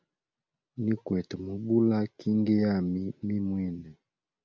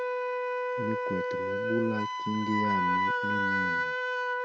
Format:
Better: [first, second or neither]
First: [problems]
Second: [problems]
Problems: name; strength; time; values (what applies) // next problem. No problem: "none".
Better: first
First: none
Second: background sound (Wind instrument, woodwind instrument); 5 dB above the speech